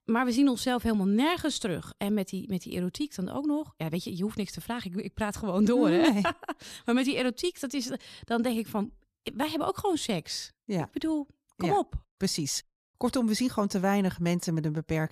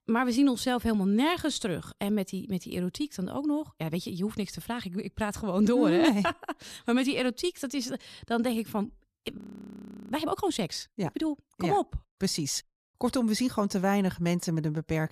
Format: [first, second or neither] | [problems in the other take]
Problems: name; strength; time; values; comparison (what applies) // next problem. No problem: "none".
first | audio freezing; at 9.5 s for 0.5 s